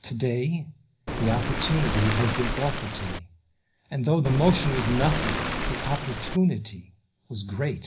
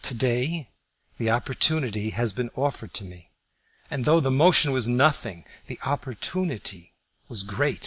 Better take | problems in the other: second | background sound (Waves, surf); 2 dB below the speech // room echo; dies away in 0.5 s

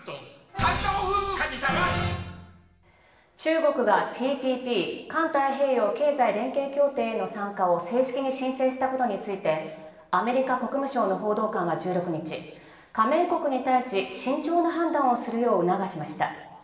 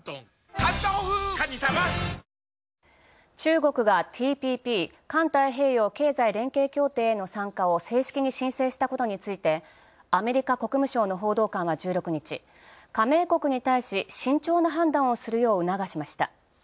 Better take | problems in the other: second | room echo; dies away in 1.1 s

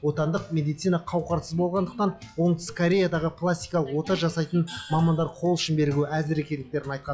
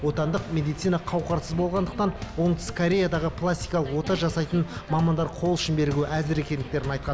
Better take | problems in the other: second | noise reduction (classical method log-MMSE)

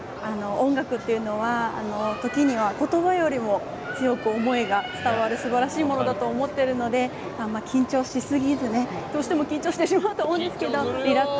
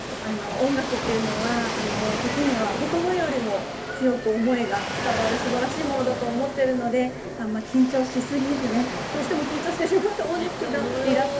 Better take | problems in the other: first | background sound (Waves, surf); 7 dB below the speech // room echo; dies away in 0.3 s

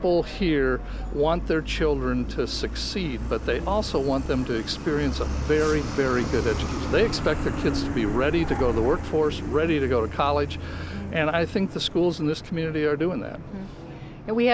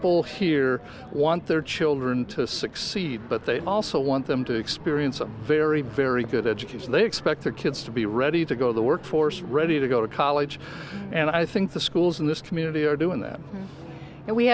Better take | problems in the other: second | background sound (Truck); 6 dB below the speech

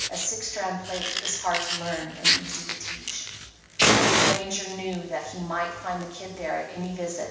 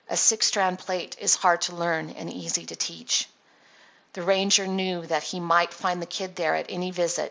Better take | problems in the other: second | background sound (Fire); 4 dB above the speech // room echo; dies away in 0.9 s

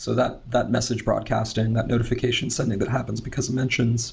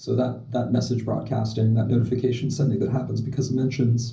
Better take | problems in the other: first | room echo; dies away in 0.5 s

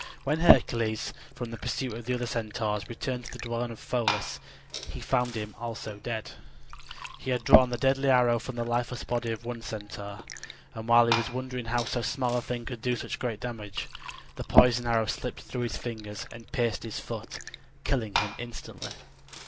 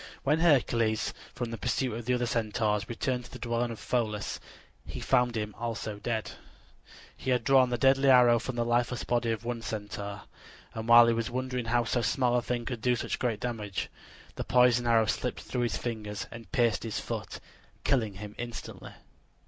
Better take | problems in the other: second | background sound (Liquid); 3 dB below the speech

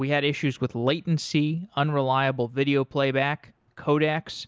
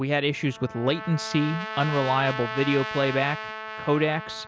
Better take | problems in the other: first | background sound (Trumpet); 9 dB below the speech

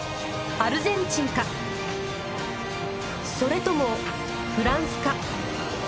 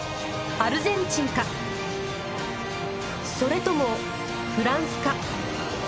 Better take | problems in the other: second | background sound (Rain); 16 dB below the speech

